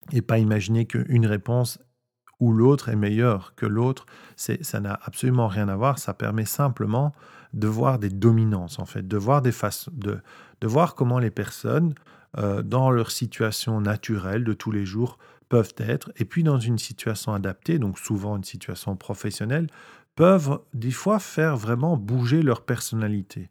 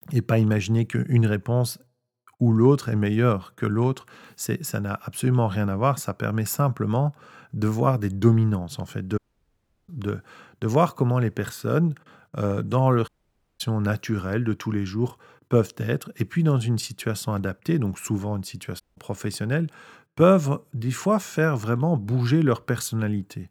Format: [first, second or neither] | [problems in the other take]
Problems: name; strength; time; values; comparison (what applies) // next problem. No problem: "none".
first | audio cutting out; at 9 s for 0.5 s, at 13 s for 0.5 s and at 19 s